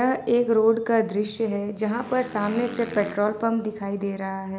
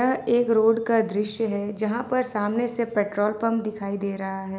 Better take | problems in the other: second | background sound (Motorcycle); 17 dB below the speech

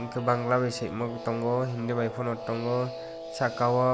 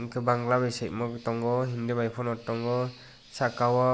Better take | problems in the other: second | background sound (Guitar); 12 dB below the speech

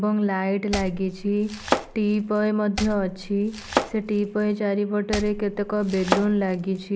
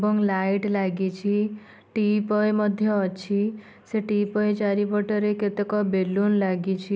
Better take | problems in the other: second | background sound (Domestic sounds, home sounds); 7 dB below the speech

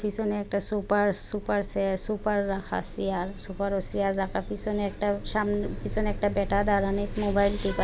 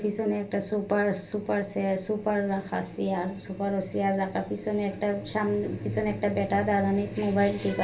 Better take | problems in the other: first | room echo; dies away in 0.3 s

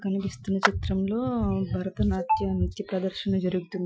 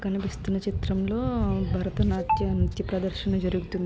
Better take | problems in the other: second | noise reduction (classical method Wiener filter)

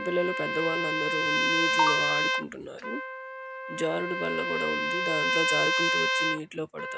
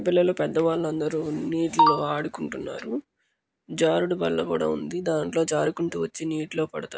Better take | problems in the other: second | background sound (Trumpet); 4 dB above the speech

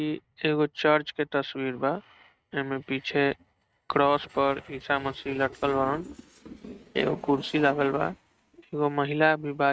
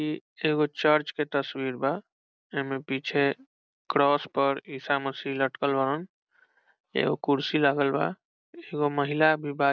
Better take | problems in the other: second | noise reduction (neural mask model RNNoise)

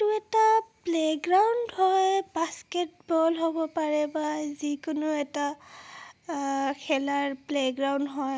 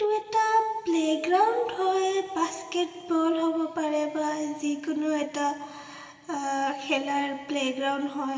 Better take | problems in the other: first | room echo; dies away in 2.6 s

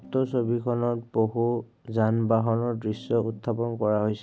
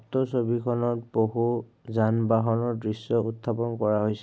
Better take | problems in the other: second | background sound (Piano); 19 dB below the speech

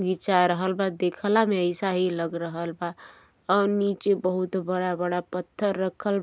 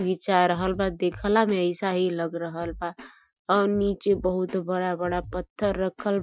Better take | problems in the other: first | noise reduction (classical method Wiener filter)

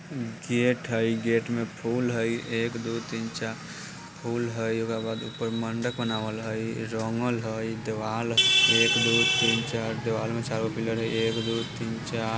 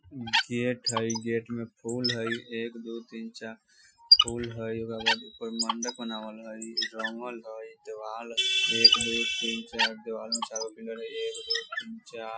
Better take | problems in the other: first | noise reduction (classical method Wiener filter)

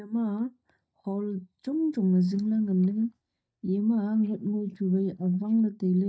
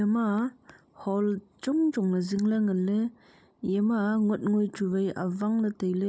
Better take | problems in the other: second | noise reduction (neural mask model DeepFilterNet 3)

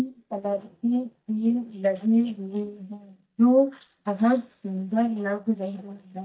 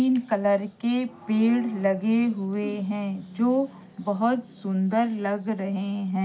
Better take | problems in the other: second | noise reduction (neural mask model DeepFilterNet 3)

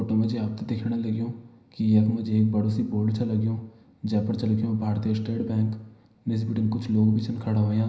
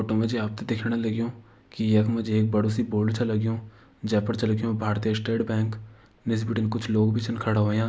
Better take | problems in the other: second | room echo; dies away in 0.9 s

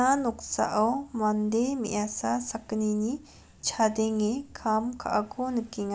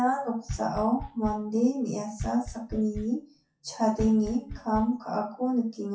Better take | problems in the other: first | noise reduction (classical method WPE with log-MMSE)

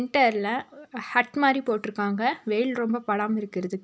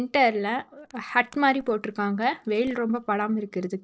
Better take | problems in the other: first | noise reduction (neural separator model SepFormer DNS4)

